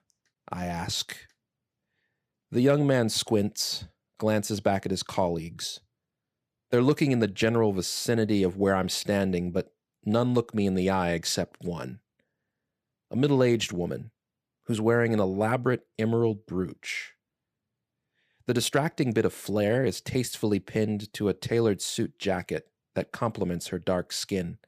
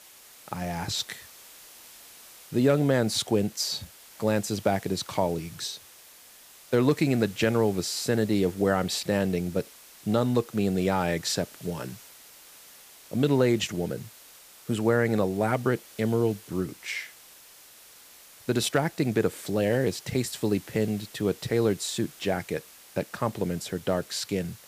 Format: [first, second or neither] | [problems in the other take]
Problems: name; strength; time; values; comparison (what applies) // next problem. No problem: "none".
first | hiss; faint; throughout; 20 dB below the speech